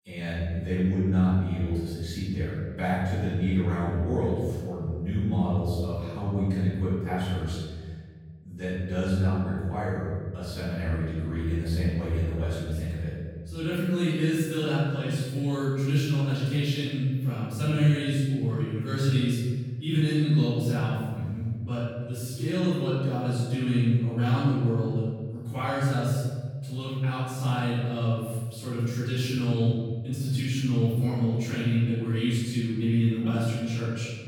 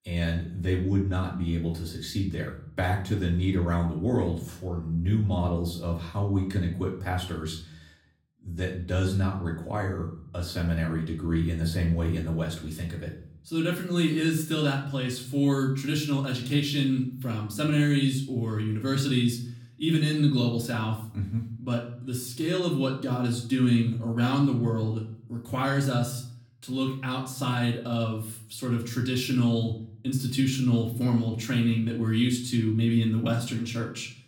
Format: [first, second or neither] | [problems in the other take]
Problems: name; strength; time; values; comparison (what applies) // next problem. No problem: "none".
second | room echo; strong; dies away in 1.8 s; slight in the second // off-mic speech; far; far in the second